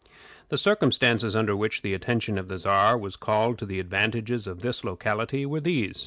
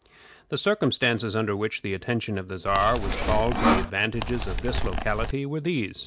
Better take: first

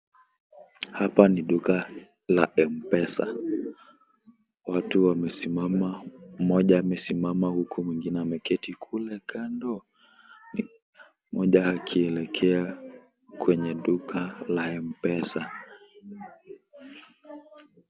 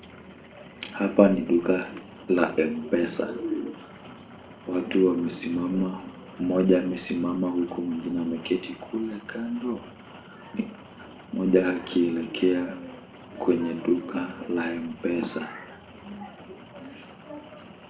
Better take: first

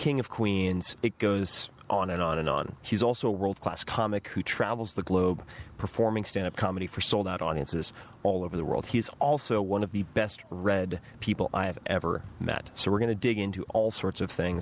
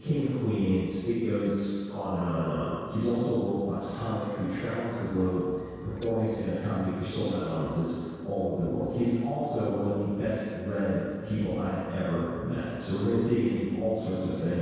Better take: first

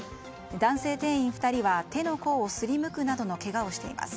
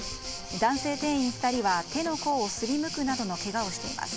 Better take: first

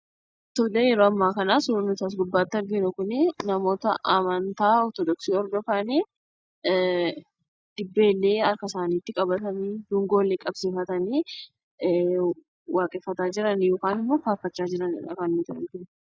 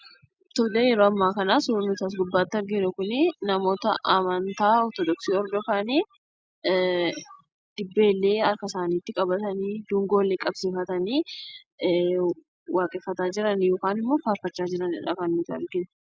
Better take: second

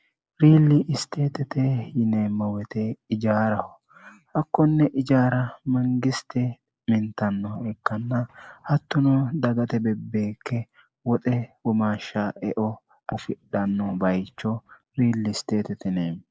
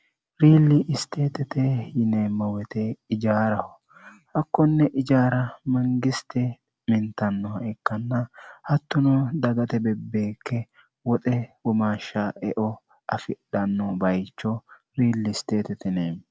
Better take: second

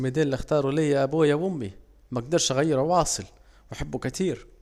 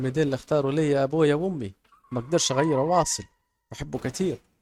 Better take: first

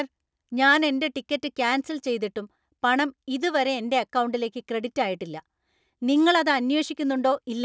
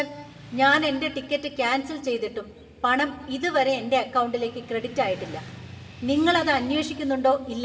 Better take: first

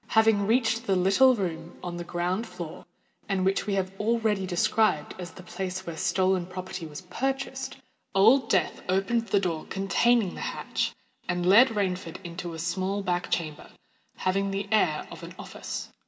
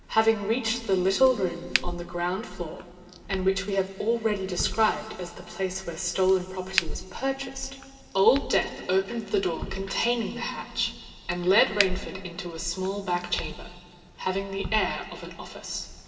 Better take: first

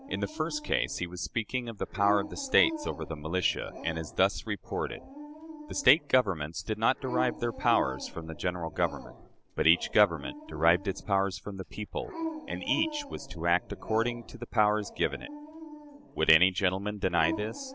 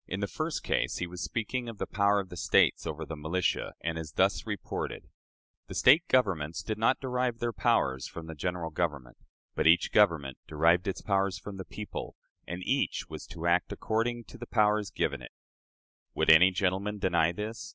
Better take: second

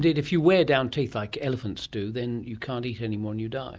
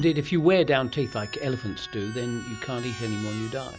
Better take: first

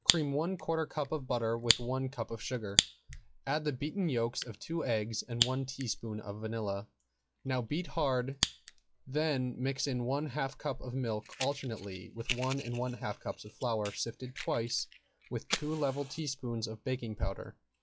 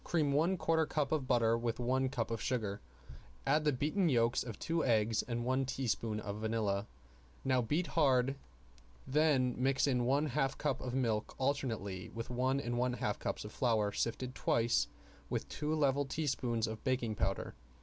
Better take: second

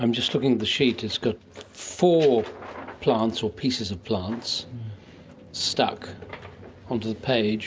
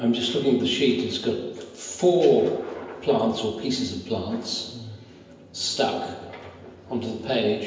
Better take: first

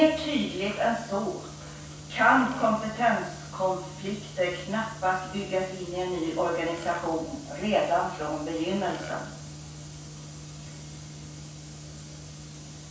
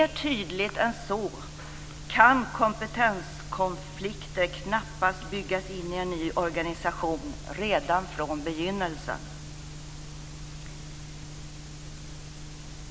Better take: second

